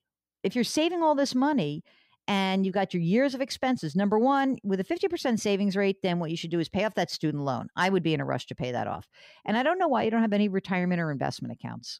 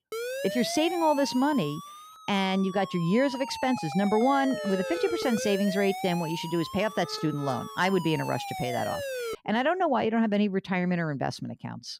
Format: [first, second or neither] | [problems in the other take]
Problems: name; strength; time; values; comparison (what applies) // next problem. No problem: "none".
first | siren; noticeable; until 9.5 s; peak 5 dB below the speech